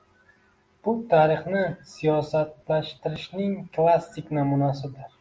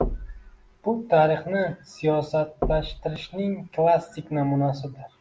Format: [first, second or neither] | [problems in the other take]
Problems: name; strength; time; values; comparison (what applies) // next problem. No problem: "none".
first | background sound (Knock); 10 dB below the speech